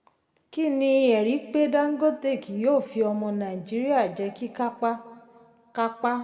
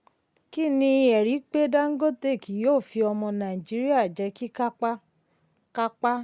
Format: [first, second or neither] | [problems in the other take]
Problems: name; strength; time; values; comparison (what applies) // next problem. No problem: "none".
second | room echo; dies away in 1.4 s